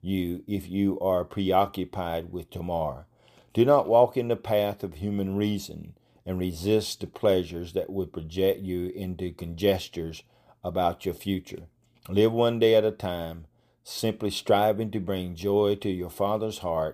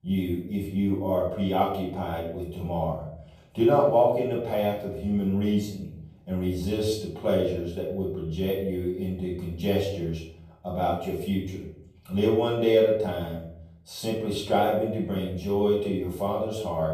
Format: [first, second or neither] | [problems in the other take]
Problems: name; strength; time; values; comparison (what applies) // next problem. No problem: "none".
first | off-mic speech; far // room echo; noticeable; dies away in 0.6 s